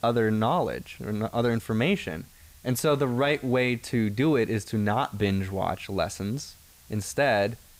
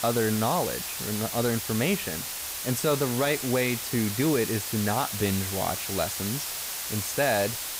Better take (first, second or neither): first